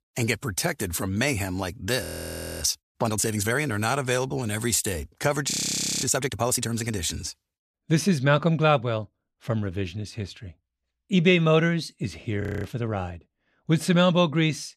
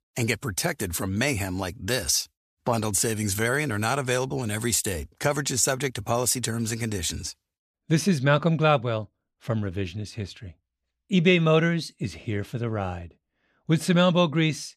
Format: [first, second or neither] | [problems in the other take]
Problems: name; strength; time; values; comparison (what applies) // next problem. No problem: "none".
second | audio freezing; at 2 s for 0.5 s, at 5.5 s for 0.5 s and at 12 s